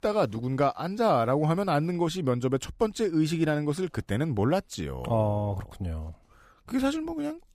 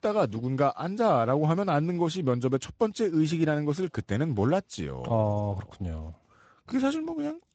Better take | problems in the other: first | garbled, watery; slightly; nothing above 8 kHz

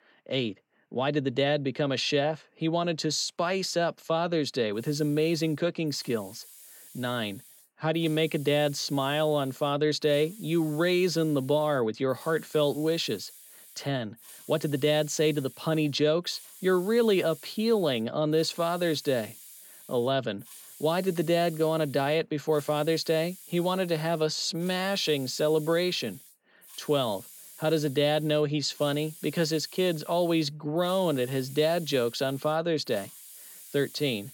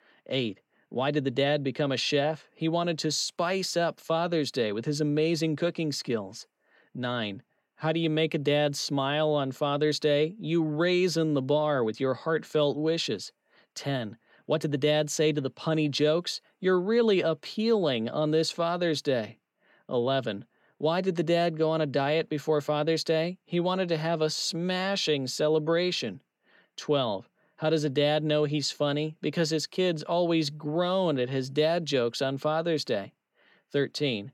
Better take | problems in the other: second | hiss; noticeable; from 5 s on; 20 dB below the speech

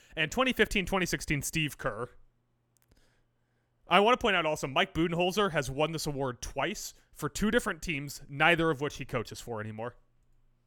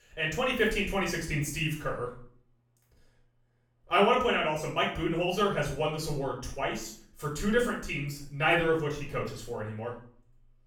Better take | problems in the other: first | room echo; slight; dies away in 0.4 s // off-mic speech; far

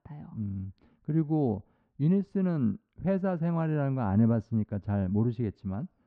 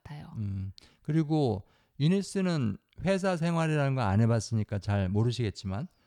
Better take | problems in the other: second | muffled; very; fading above 1.5 kHz

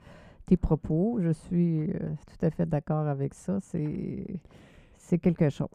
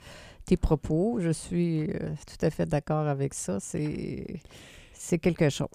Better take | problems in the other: second | muffled; slightly; fading above 2.5 kHz

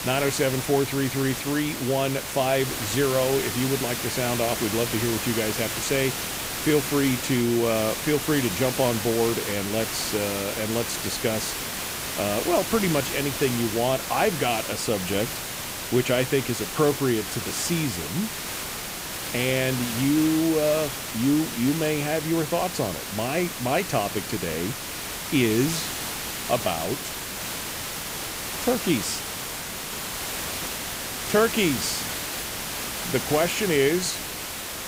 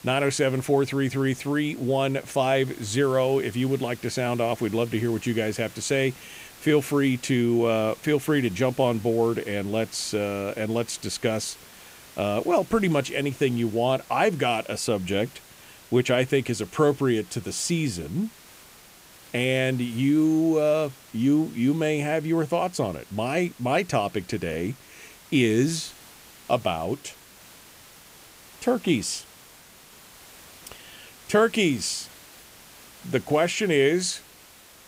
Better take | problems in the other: second | hiss; loud; throughout; 4 dB below the speech; faint in the second

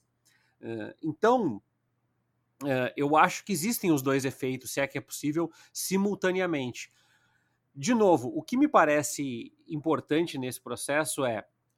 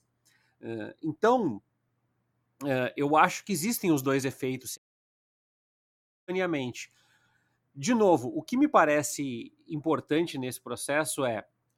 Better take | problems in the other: first | audio cutting out; at 5 s for 1.5 s

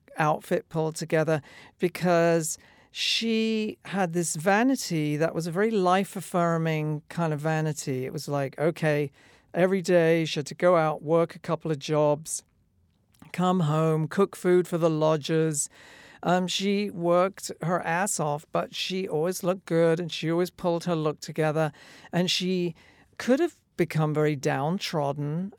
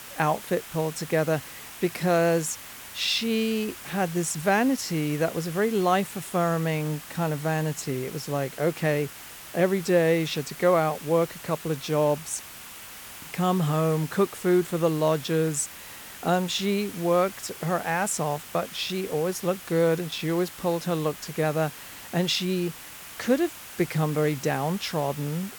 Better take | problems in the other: first | hiss; noticeable; throughout; 15 dB below the speech

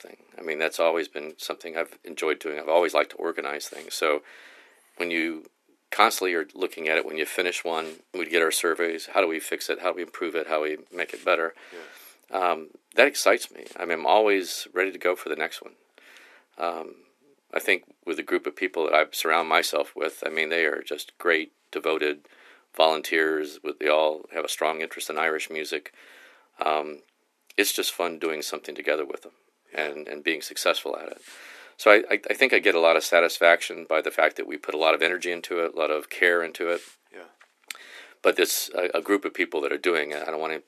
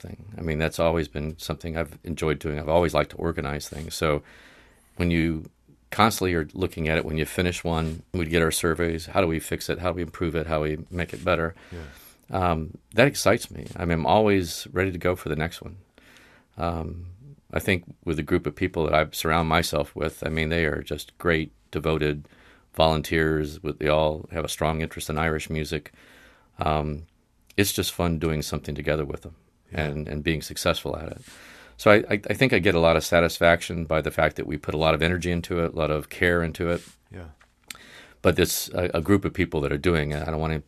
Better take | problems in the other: second | thin; very; fading below 300 Hz

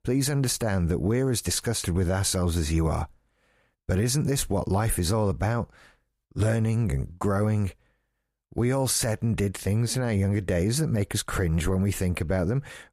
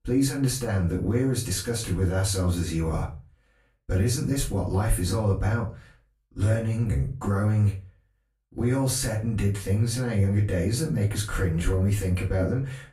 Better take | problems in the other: first | off-mic speech; far // room echo; very slight; dies away in 0.3 s

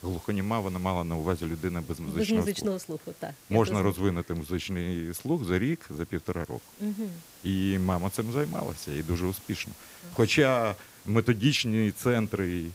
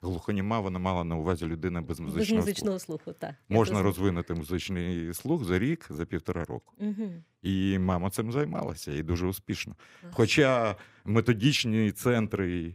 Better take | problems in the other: second | hiss; faint; throughout; 20 dB below the speech

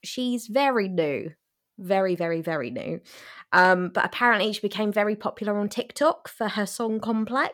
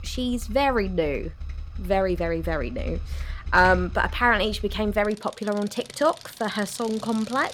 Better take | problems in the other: first | traffic noise; noticeable; throughout; 10 dB below the speech

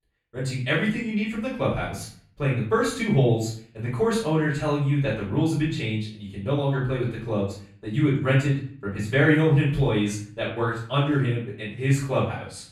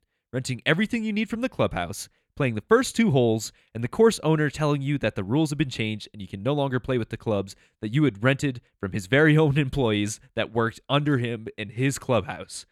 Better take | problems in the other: second | off-mic speech; far // room echo; noticeable; dies away in 0.5 s

